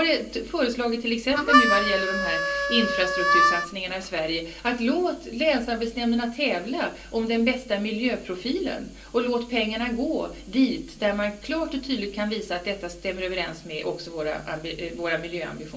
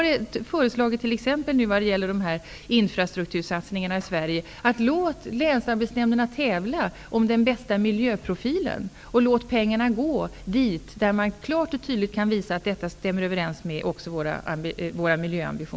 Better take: second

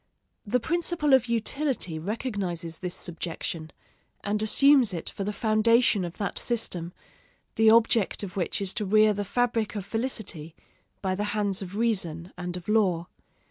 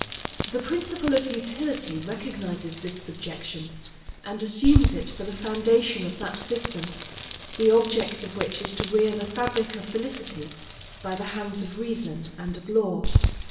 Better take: first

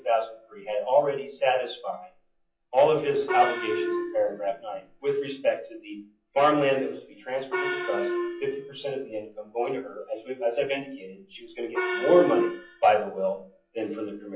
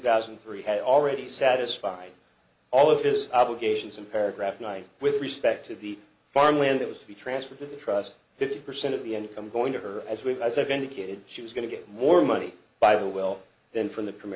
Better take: second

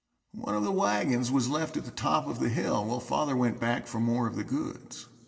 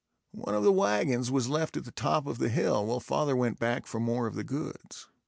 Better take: second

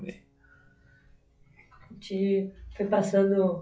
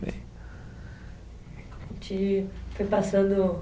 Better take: second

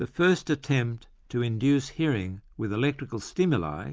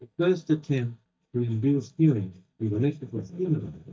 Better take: first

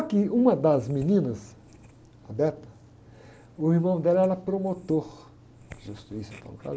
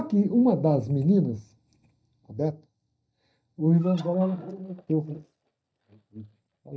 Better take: first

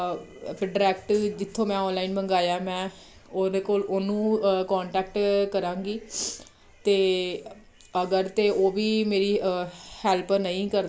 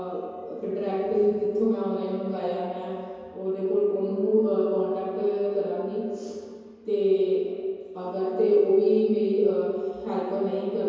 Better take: first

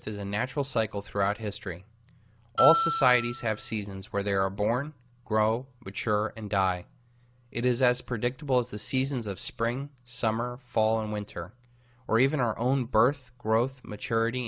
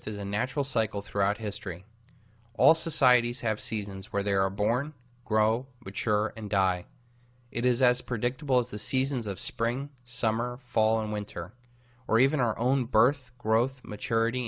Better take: second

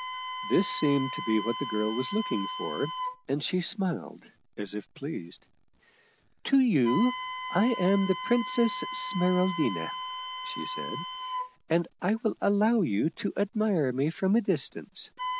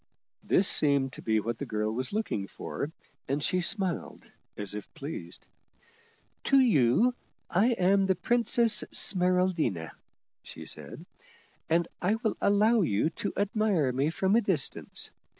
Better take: second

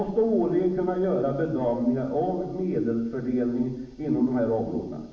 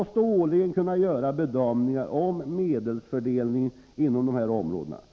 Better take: second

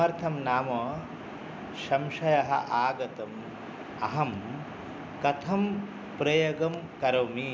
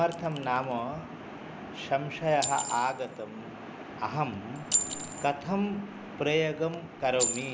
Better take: first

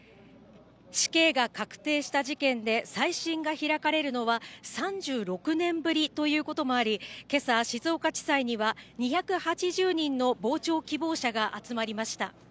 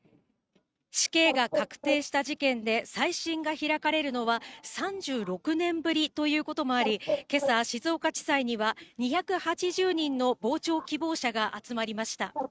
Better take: first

